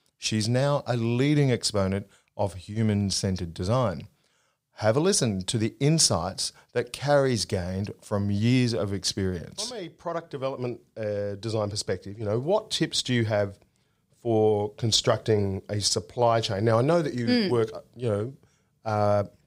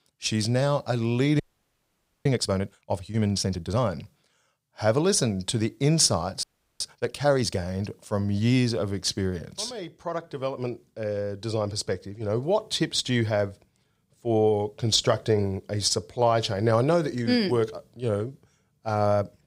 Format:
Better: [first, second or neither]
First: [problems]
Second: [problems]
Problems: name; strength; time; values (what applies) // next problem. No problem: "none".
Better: first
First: none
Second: audio freezing; at 1.5 s for 1 s and at 6.5 s